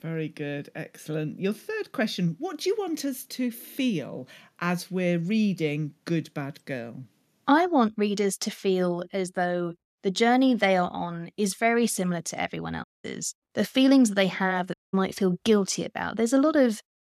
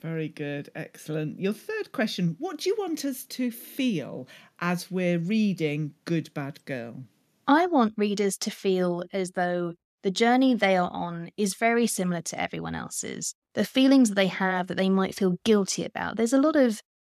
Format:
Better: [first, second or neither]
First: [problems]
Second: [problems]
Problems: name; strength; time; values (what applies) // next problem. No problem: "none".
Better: second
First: audio cutting out; at 13 s and at 15 s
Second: none